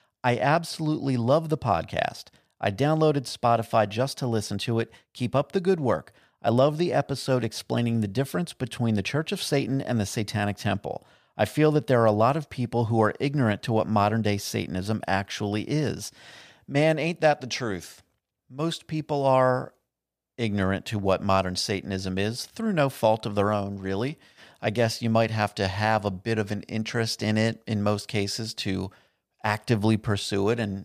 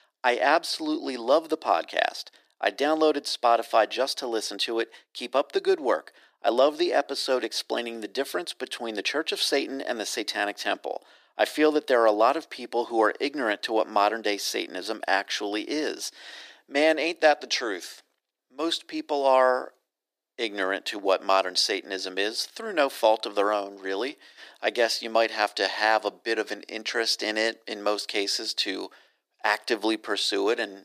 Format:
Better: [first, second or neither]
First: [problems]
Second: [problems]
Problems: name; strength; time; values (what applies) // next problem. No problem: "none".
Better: first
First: none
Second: thin; very; fading below 300 Hz